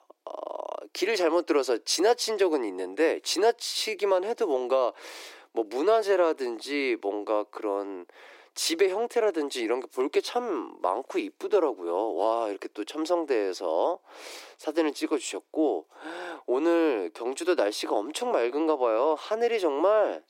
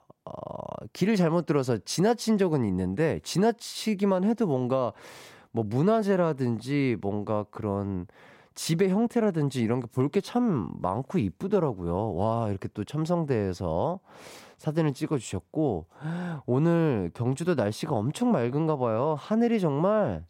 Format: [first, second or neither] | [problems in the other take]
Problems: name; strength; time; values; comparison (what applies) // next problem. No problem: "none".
second | thin; very; fading below 300 Hz